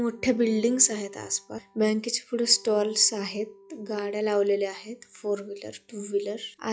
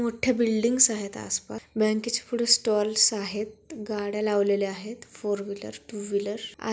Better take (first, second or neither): second